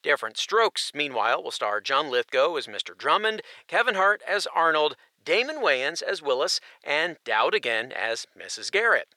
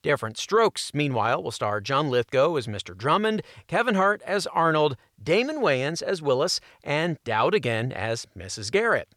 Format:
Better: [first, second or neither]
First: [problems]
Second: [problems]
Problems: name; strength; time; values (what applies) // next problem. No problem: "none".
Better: second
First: thin; very; fading below 500 Hz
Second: none